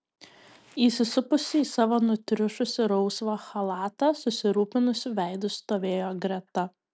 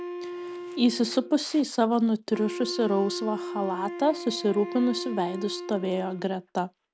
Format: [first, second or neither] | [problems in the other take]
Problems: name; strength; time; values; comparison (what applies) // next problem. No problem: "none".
first | background sound (Wind instrument, woodwind instrument); 10 dB below the speech